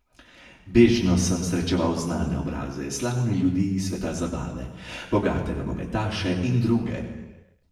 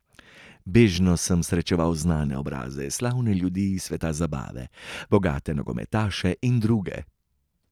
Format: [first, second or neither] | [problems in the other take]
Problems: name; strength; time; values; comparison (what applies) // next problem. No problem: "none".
second | room echo; dies away in 1.1 s